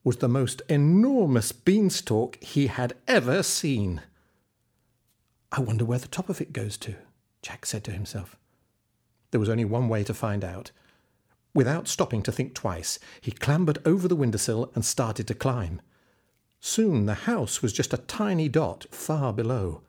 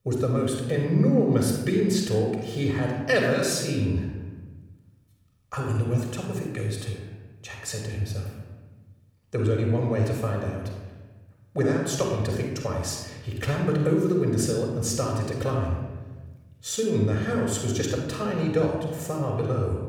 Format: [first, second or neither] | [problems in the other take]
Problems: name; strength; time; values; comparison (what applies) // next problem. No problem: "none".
first | off-mic speech; somewhat distant // room echo; noticeable; dies away in 1.1 s